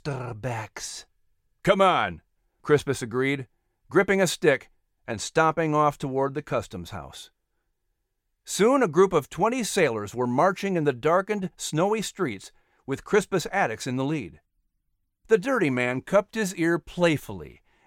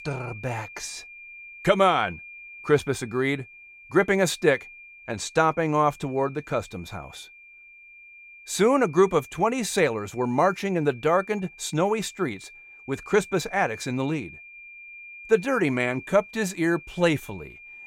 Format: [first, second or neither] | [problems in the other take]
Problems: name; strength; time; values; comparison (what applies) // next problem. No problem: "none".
first | high-pitched whine; noticeable; throughout; 2.5 kHz, 20 dB below the speech